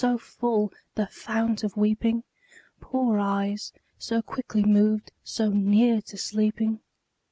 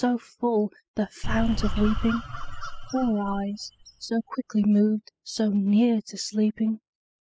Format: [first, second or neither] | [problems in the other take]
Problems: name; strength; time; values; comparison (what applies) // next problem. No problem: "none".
first | noise reduction (classical method spectral subtraction)